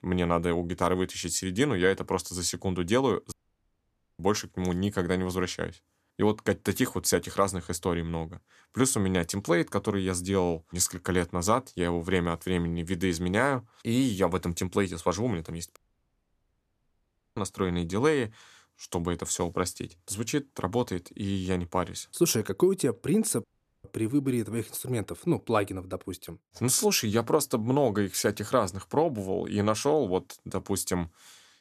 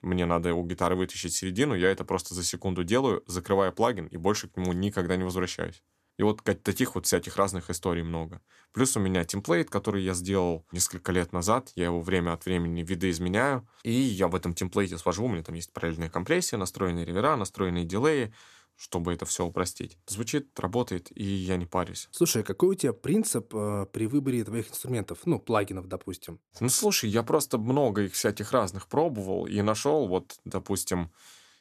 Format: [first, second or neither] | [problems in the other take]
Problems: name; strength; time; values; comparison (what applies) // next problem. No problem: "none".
second | audio cutting out; at 3.5 s for 1 s, at 16 s for 1.5 s and at 23 s